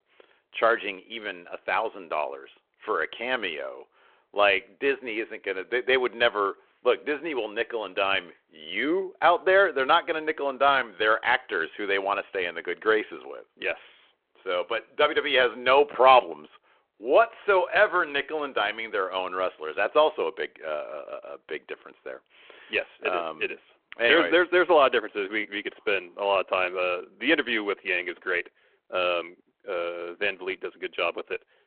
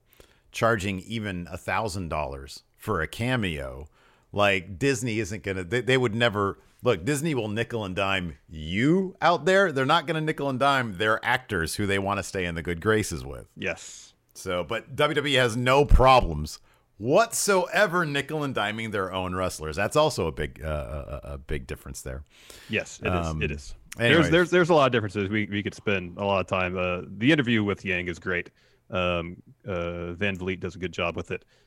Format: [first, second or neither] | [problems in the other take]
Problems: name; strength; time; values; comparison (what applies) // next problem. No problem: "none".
second | phone-call audio